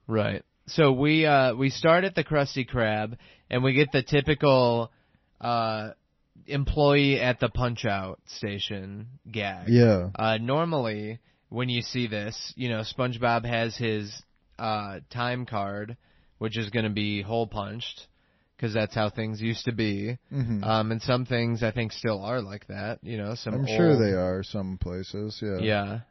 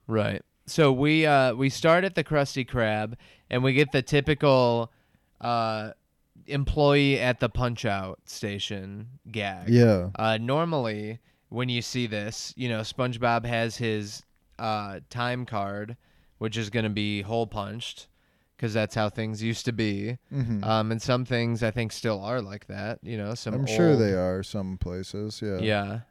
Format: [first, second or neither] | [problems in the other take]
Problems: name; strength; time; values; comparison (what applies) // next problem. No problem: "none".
second | garbled, watery; slightly; nothing above 6 kHz